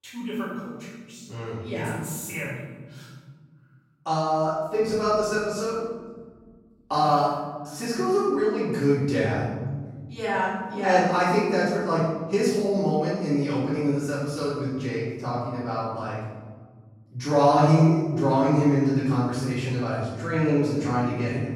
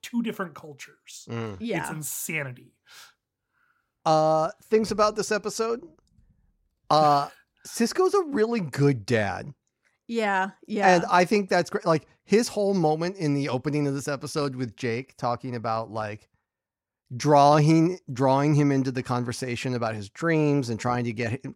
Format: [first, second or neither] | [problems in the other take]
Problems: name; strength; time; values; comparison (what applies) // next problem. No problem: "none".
second | off-mic speech; far // room echo; strong; dies away in 1.7 s